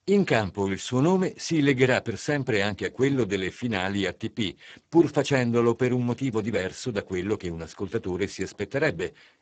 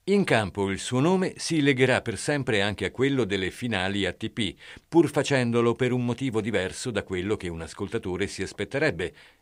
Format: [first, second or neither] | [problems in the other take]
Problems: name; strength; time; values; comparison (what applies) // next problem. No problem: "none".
second | garbled, watery; badly; nothing above 7.5 kHz